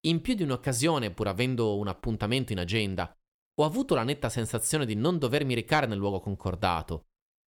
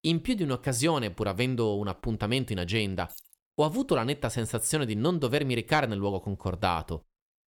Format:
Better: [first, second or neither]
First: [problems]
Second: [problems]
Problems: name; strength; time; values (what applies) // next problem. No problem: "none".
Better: first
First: none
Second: jangling keys; faint; at 3 s; peak 20 dB below the speech